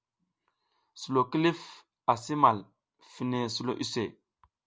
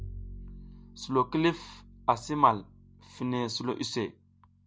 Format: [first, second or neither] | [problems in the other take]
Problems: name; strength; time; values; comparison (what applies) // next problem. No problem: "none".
first | background sound (Bowed string instrument); 17 dB below the speech